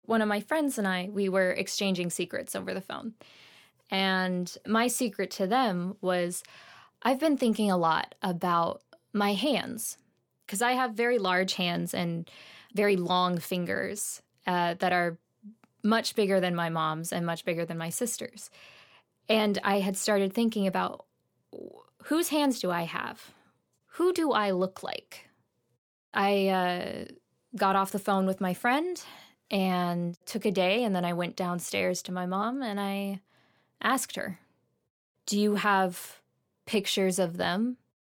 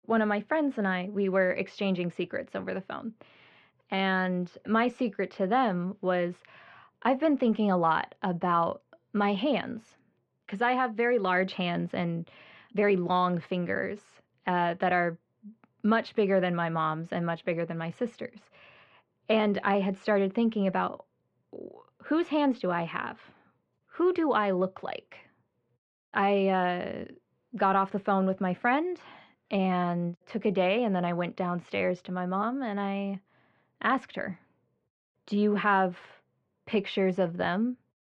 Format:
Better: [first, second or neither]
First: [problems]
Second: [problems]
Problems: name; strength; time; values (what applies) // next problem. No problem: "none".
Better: first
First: none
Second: muffled; very; fading above 2.5 kHz